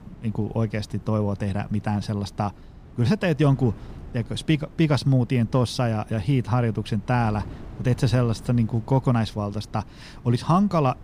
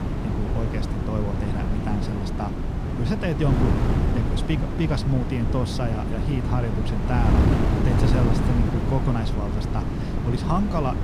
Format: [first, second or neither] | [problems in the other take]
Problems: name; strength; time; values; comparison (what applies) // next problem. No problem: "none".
first | wind noise on the microphone; heavy; as loud as the speech; occasional gusts in the first